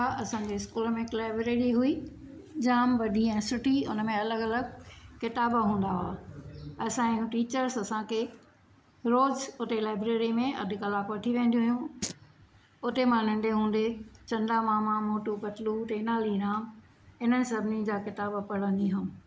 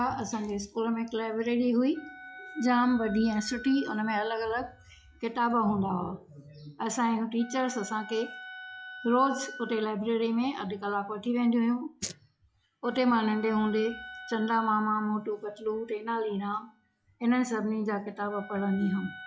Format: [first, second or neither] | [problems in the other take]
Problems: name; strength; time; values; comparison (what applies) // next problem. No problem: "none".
first | noise reduction (classical method log-MMSE)